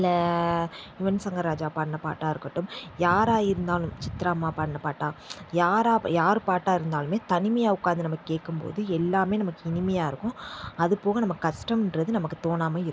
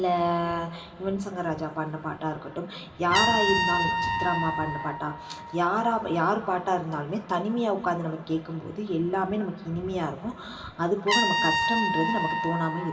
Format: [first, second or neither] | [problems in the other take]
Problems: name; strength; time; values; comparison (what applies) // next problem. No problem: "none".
first | background sound (Trumpet); 3 dB below the speech // room echo; dies away in 2.1 s